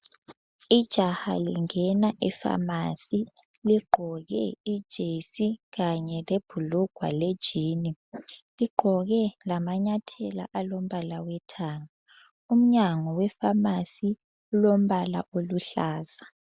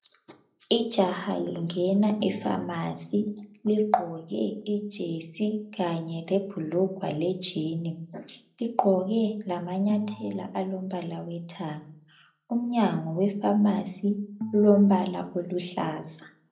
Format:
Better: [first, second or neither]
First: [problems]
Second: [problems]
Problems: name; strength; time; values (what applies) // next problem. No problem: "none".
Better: first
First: none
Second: background sound (Organ); 13 dB below the speech // room echo; dies away in 0.4 s